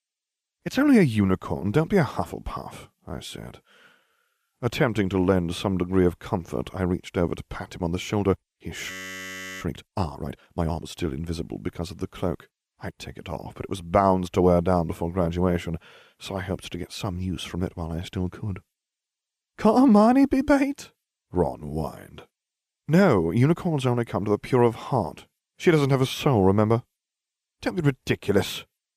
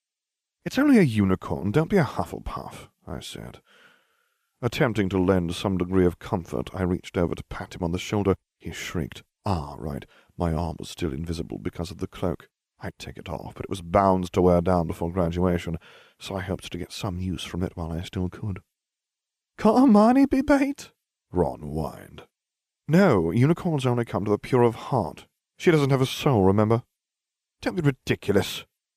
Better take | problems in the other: second | audio freezing; at 9 s for 0.5 s

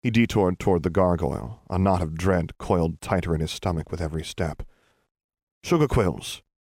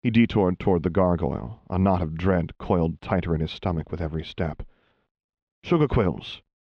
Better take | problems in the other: first | muffled; slightly; fading above 3.5 kHz

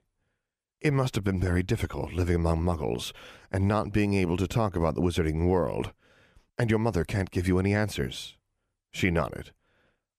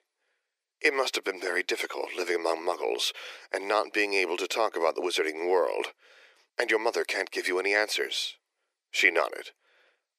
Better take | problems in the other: first | thin; very; fading below 350 Hz

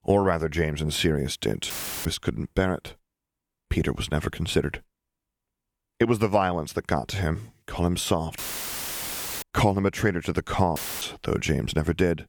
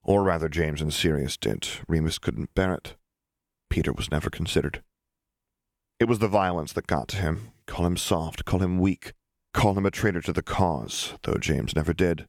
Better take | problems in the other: second | audio cutting out; filled with static; at 1.5 s, at 8.5 s for 1 s and at 11 s

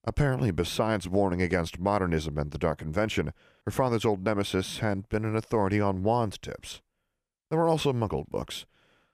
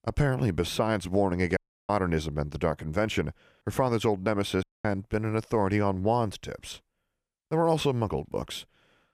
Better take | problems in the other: first | audio cutting out; at 1.5 s and at 4.5 s

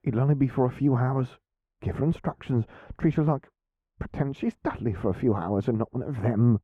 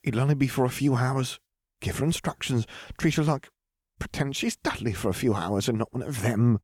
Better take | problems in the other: second | muffled; very; fading above 2.5 kHz

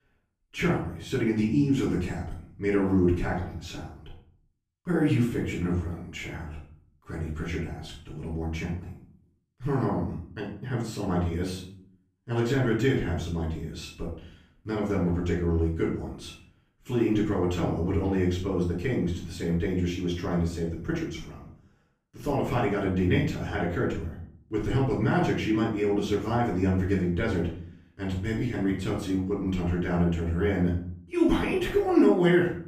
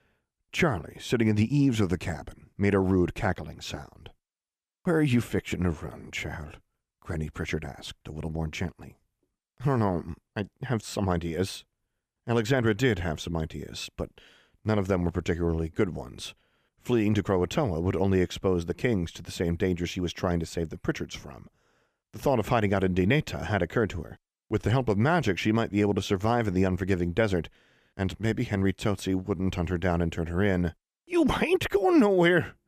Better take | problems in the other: second | room echo; noticeable; dies away in 0.5 s // off-mic speech; far

